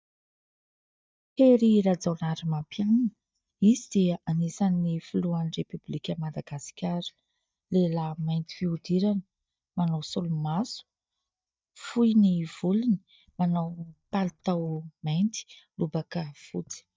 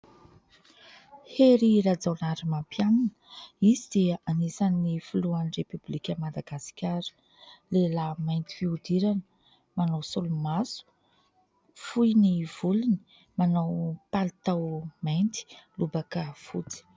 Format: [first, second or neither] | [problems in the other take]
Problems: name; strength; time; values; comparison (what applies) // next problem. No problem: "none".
second | noise reduction (neural mask model DeepFilterNet 3)